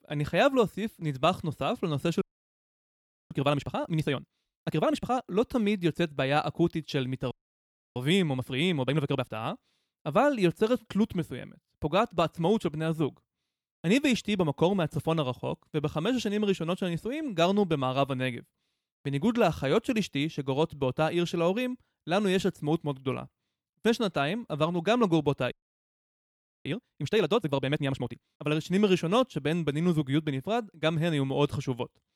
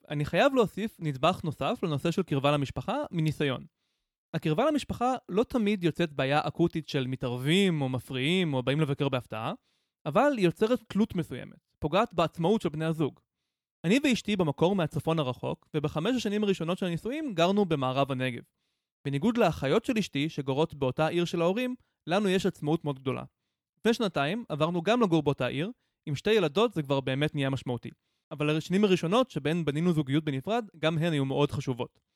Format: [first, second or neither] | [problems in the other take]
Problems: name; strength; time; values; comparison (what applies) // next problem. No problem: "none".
second | audio freezing; at 2 s for 1 s, at 7.5 s for 0.5 s and at 26 s for 1 s